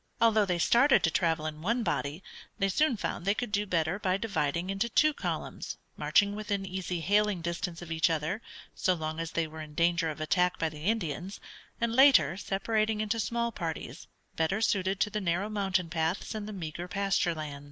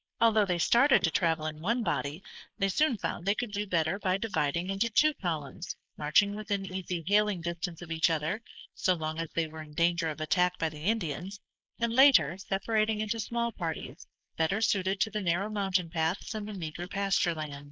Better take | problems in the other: first | noise reduction (neural mask model Resemble Enhance denoiser)

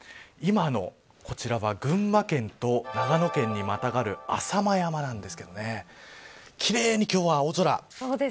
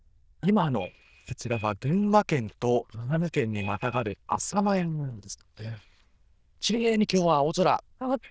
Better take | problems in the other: first | noise reduction (neural diffusion model UNIVERSE++)

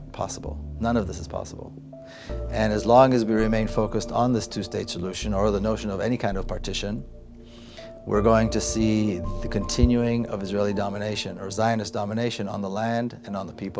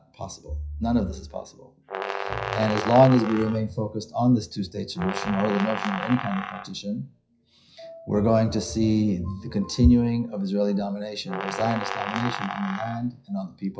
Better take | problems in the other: first | noise reduction (classical method WPE with log-MMSE)

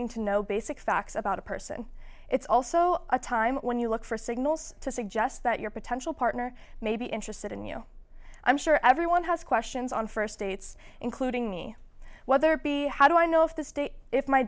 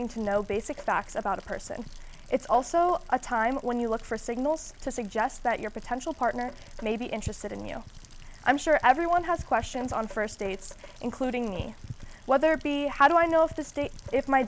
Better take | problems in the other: first | background sound (Rain); 18 dB below the speech

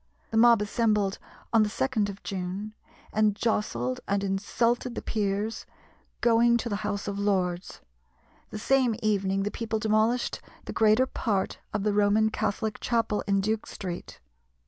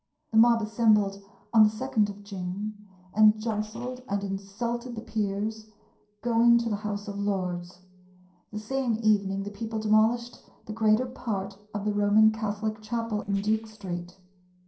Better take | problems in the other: first | noise reduction (neural separator model SepFormer DNS4)

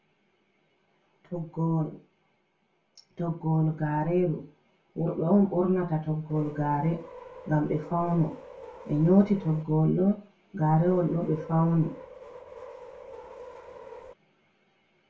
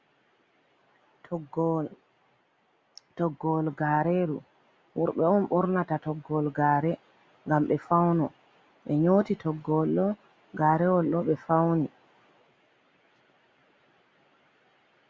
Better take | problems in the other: second | background sound (Subway, metro, underground); 16 dB below the speech // room echo; dies away in 0.3 s

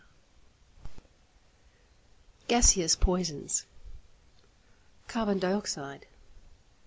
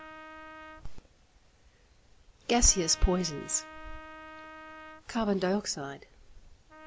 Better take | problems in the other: first | background sound (Trumpet); 17 dB below the speech

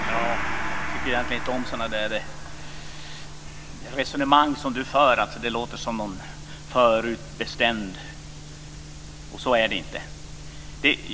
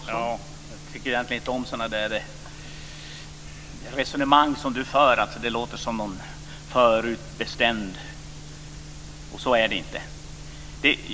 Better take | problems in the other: second | background sound (Gong); 7 dB below the speech

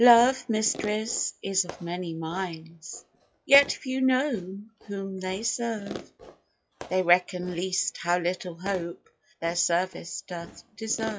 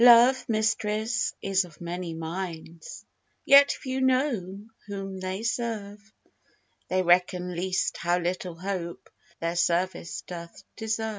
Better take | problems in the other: second | noise reduction (classical method log-MMSE)

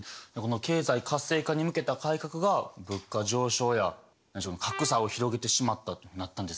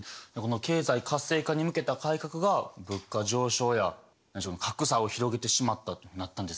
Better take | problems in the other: second | background sound (Trumpet); 14 dB below the speech

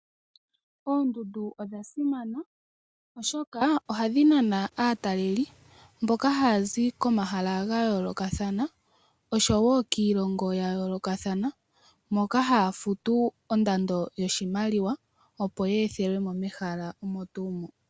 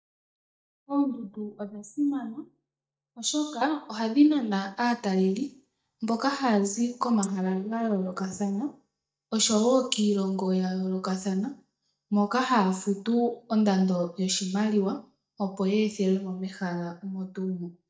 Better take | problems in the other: first | noise reduction (neural mask model DeepFilterNet 3)

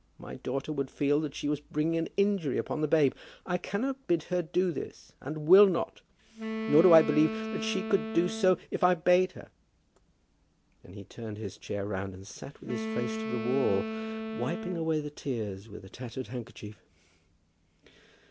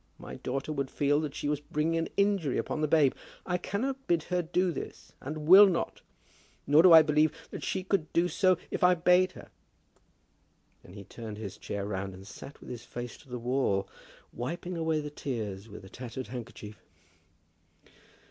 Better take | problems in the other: second | background sound (Wind instrument, woodwind instrument); 7 dB below the speech

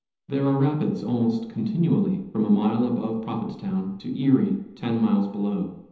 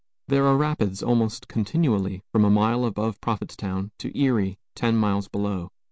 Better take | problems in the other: second | room echo; dies away in 0.9 s

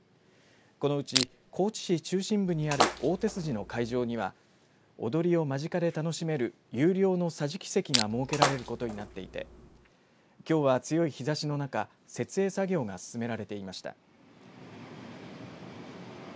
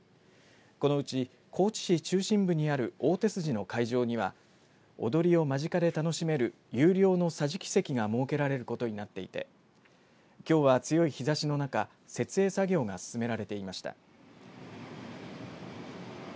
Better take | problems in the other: second | background sound (Crushing + Splash, splatter); 2 dB below the speech

